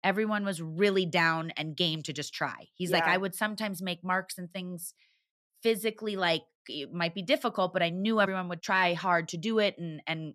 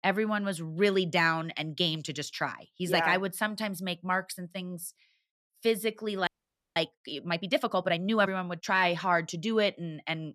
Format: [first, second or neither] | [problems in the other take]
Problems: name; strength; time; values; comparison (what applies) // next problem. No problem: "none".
first | audio freezing; at 6.5 s